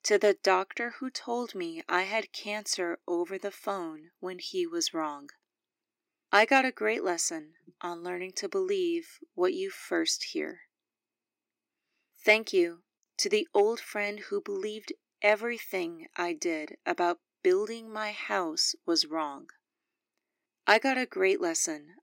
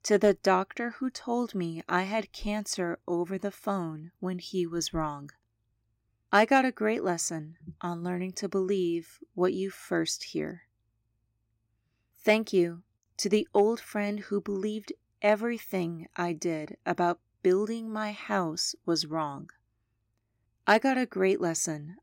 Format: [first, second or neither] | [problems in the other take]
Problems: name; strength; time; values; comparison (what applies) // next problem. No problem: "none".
second | thin; somewhat; fading below 300 Hz